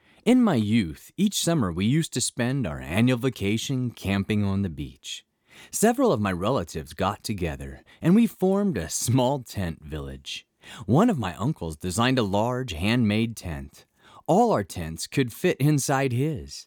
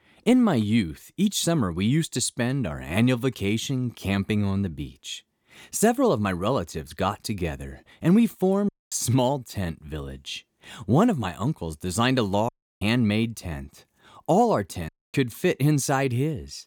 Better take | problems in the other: first | audio cutting out; at 8.5 s, at 12 s and at 15 s

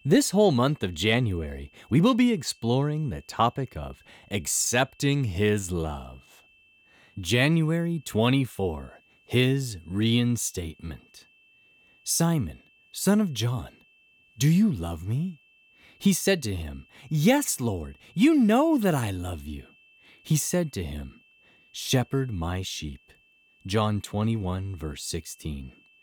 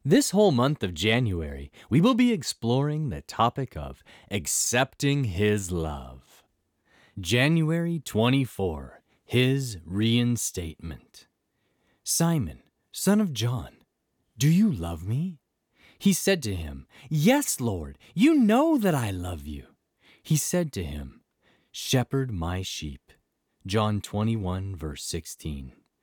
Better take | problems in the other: second | high-pitched whine; faint; throughout; 2.5 kHz, 30 dB below the speech

